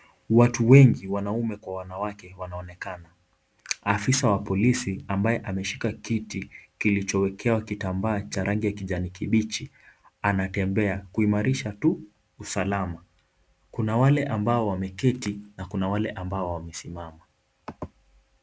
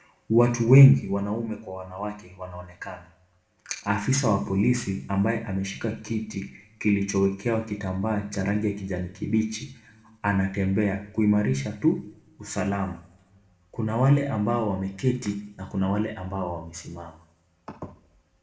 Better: first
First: none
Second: room echo; dies away in 0.5 s

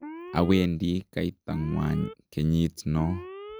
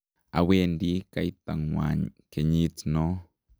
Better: second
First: background sound (Alarm); 15 dB below the speech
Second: none

